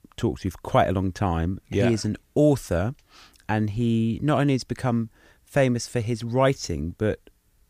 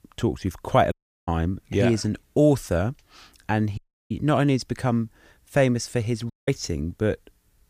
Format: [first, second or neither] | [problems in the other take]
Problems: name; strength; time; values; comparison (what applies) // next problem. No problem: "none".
first | audio cutting out; at 1 s, at 4 s and at 6.5 s